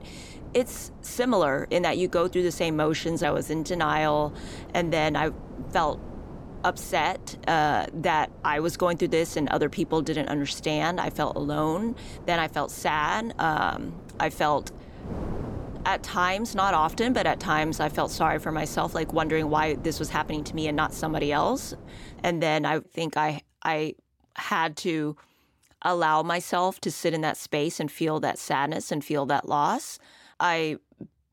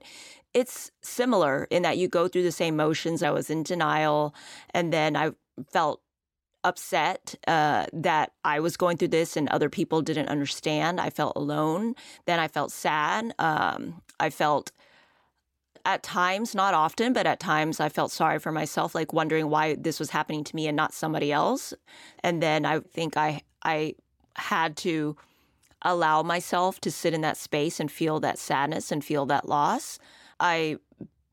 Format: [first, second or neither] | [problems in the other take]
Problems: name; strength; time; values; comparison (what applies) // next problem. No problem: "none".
second | wind noise on the microphone; occasional gusts; until 22 s; 20 dB below the speech